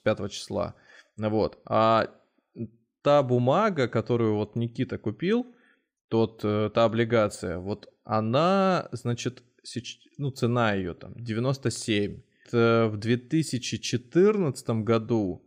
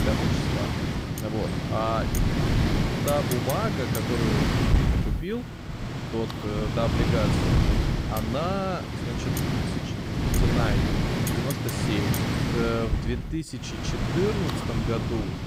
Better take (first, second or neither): first